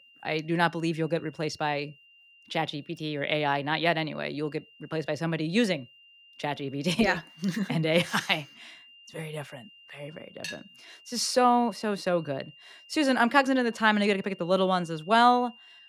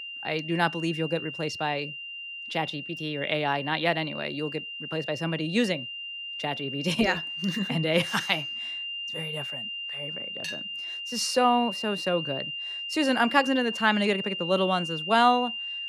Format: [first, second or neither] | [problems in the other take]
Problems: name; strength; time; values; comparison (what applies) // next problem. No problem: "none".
first | high-pitched whine; loud; throughout; 3 kHz, 6 dB below the speech; faint in the first